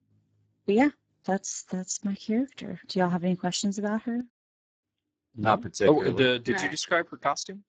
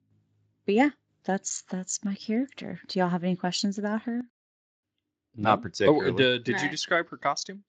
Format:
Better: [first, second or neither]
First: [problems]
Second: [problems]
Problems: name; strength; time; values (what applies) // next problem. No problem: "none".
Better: second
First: garbled, watery; badly; nothing above 7.5 kHz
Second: garbled, watery; slightly; nothing above 7.5 kHz